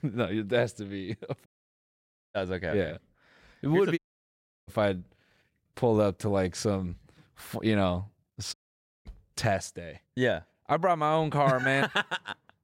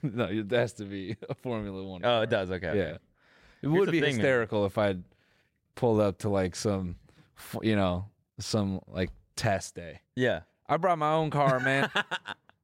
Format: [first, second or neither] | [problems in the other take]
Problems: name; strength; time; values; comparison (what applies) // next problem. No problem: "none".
second | audio cutting out; at 1.5 s for 1 s, at 4 s for 0.5 s and at 8.5 s for 0.5 s